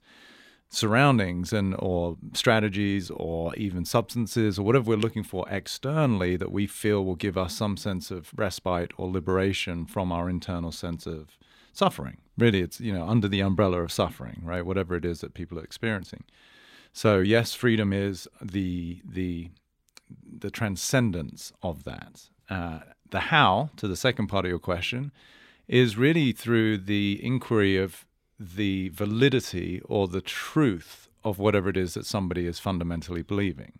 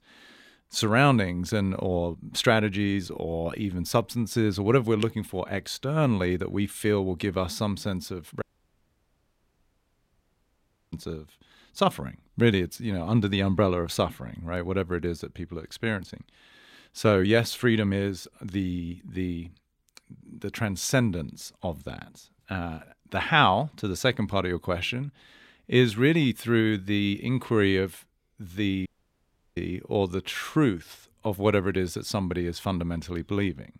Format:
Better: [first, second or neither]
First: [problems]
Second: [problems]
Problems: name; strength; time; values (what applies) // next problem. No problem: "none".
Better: first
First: none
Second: audio cutting out; at 8.5 s for 2.5 s and at 29 s for 0.5 s